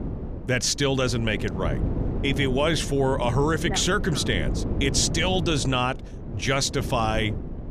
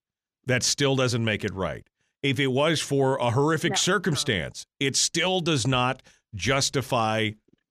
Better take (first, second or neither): second